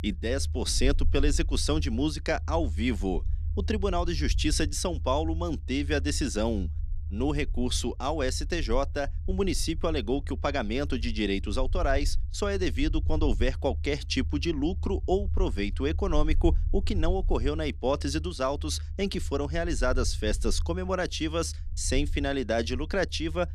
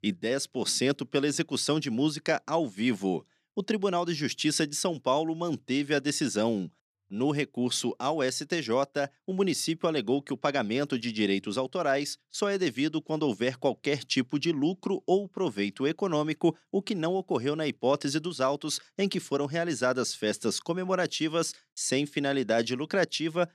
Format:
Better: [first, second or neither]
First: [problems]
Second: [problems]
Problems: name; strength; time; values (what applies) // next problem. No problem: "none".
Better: second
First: low rumble; faint; throughout; 20 dB below the speech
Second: none